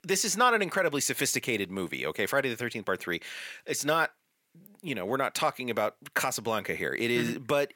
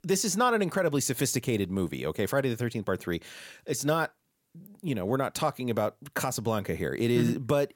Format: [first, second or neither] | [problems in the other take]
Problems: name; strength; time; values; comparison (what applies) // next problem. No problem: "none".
second | thin; very slightly; fading below 750 Hz